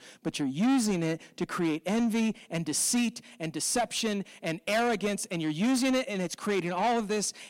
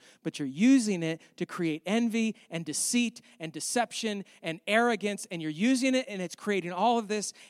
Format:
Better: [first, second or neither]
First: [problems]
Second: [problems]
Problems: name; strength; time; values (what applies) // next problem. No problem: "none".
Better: second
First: distortion; heavy; 8 dB below the speech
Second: none